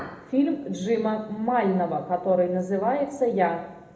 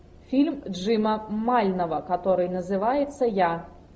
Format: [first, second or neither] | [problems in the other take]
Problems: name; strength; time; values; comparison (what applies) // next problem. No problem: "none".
second | room echo; dies away in 0.7 s